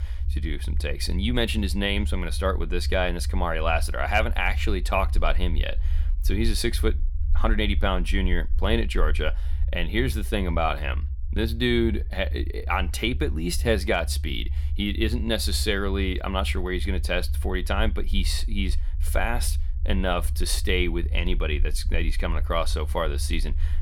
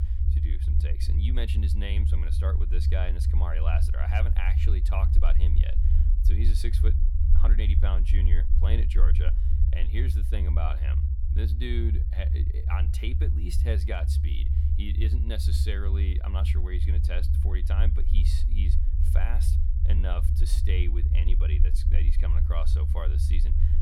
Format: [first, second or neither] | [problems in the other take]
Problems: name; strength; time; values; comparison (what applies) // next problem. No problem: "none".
first | low rumble; loud; throughout; 4 dB below the speech; faint in the first